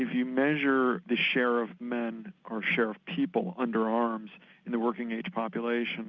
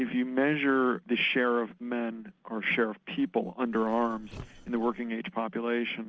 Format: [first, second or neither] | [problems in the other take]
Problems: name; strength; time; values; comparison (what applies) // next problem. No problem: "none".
first | noise reduction (neural separator model SepFormer DNS4)